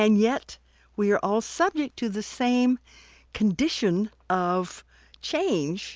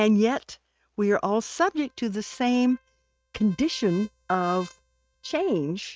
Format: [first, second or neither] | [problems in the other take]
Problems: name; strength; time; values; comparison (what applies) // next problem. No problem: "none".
first | noise reduction (neural mask model RNNoise)